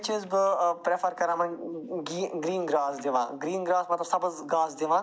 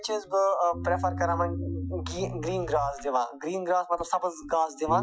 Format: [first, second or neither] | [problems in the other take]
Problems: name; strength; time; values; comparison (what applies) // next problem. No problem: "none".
first | noise reduction (classical method Wiener filter)